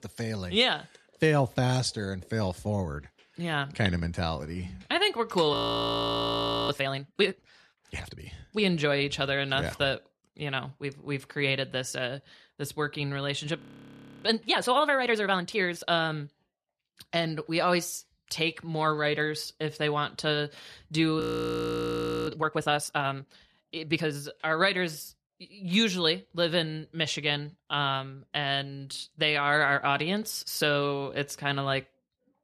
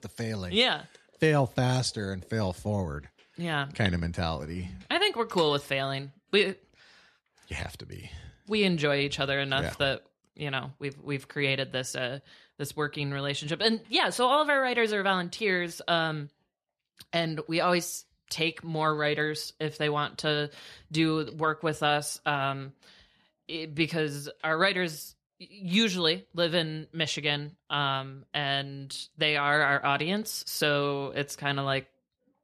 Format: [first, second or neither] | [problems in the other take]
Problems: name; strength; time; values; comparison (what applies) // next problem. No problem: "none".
second | audio freezing; at 5.5 s for 1 s, at 14 s for 0.5 s and at 21 s for 1 s